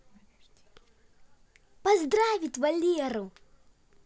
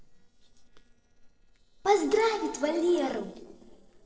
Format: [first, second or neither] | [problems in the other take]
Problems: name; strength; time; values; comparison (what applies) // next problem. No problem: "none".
first | noise reduction (neural separator model SepFormer DNS4)